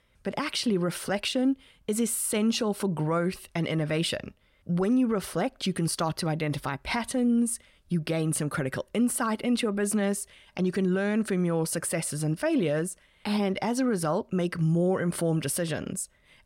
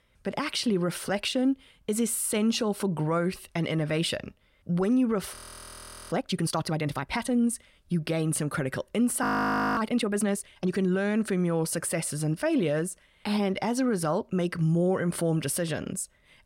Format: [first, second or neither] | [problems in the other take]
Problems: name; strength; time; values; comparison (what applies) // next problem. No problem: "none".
first | audio freezing; at 5.5 s for 1 s and at 9 s for 0.5 s